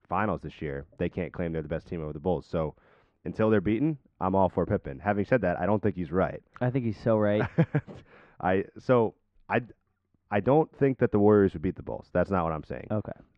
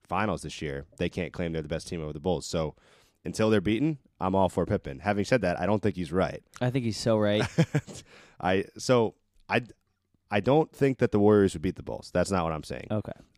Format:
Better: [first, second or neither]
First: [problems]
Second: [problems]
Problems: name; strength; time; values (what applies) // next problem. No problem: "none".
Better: second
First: muffled; very; fading above 1.5 kHz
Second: none